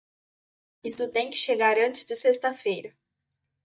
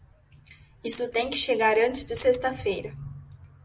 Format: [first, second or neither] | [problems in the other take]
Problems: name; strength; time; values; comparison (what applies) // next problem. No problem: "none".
second | noise reduction (neural mask model DeepFilterNet 3)